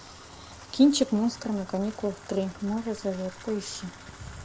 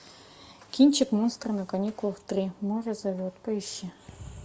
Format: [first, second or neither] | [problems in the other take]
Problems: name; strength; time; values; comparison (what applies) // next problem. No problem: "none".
second | background sound (Bathtub (filling or washing) / Water tap, faucet); 18 dB below the speech